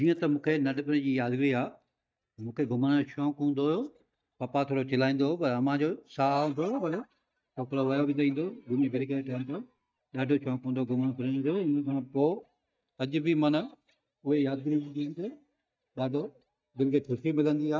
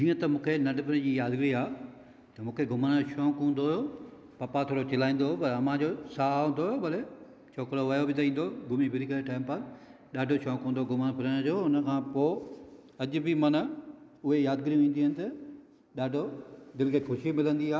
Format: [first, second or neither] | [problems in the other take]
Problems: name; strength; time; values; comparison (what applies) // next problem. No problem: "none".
second | noise reduction (neural mask model DeepFilterNet 3)